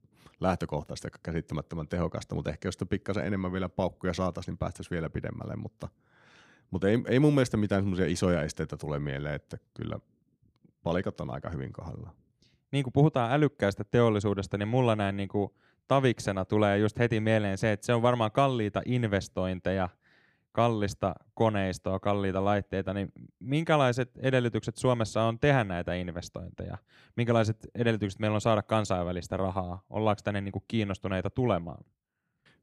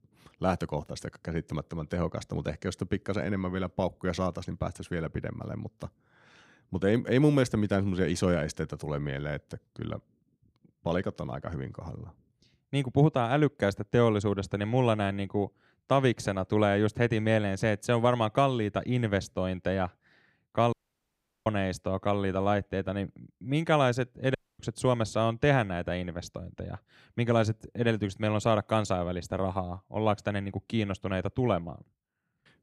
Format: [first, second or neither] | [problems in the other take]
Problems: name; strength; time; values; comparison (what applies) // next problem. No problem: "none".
first | audio cutting out; at 21 s for 0.5 s and at 24 s